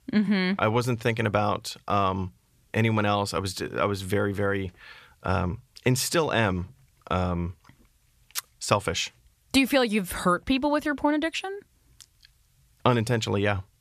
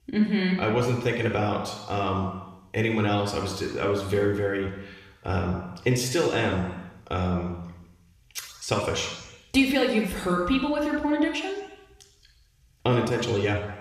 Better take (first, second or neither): first